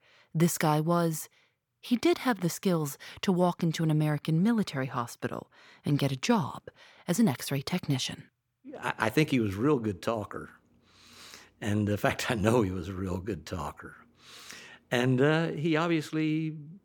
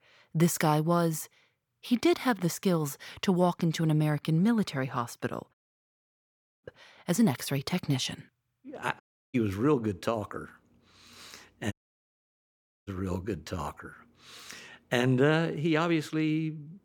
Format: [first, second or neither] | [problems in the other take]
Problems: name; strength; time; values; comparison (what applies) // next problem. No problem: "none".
first | audio cutting out; at 5.5 s for 1 s, at 9 s and at 12 s for 1 s